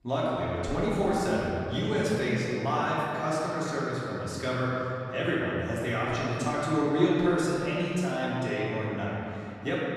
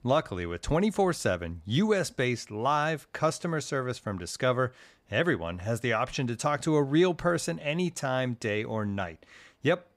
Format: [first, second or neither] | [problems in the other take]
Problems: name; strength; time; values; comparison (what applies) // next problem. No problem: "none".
second | room echo; strong; dies away in 2.7 s // off-mic speech; far